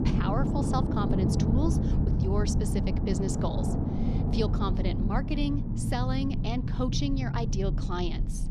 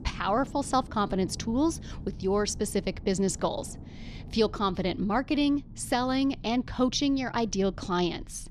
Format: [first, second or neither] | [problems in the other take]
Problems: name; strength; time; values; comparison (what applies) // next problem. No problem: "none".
second | low rumble; loud; throughout; 3 dB below the speech; faint in the second